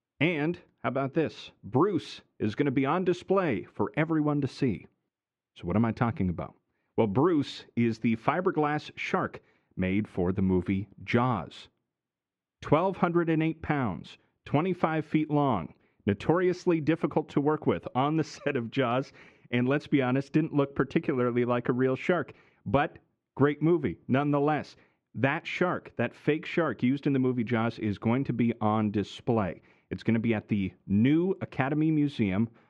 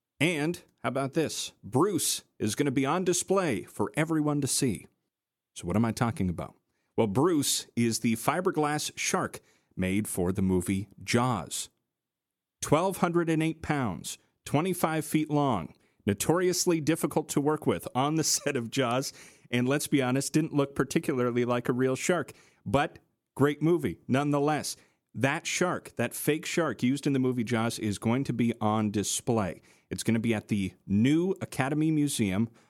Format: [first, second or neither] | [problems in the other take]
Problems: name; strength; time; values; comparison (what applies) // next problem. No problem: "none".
second | muffled; very; fading above 3 kHz